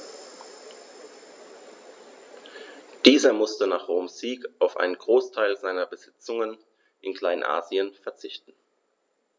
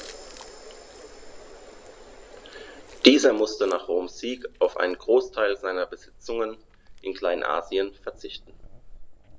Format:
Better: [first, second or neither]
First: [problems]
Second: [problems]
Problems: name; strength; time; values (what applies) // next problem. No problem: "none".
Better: first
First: none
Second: background sound (Chewing, mastication); 20 dB below the speech